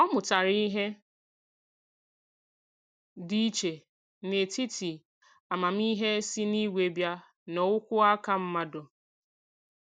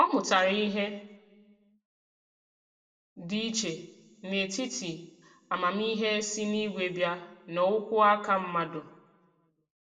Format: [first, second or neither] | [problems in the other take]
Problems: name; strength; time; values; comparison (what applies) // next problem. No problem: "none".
first | room echo; dies away in 0.7 s